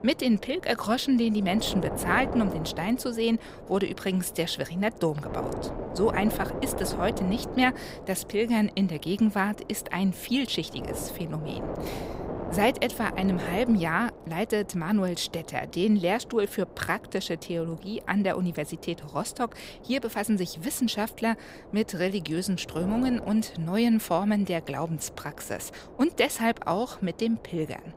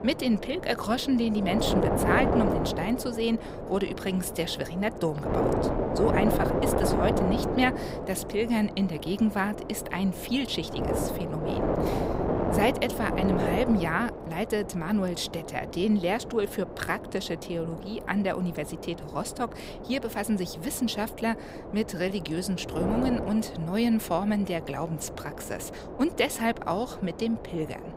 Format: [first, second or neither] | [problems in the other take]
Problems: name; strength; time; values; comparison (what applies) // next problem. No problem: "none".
first | wind noise on the microphone; heavy; 3 dB below the speech; occasional gusts in the first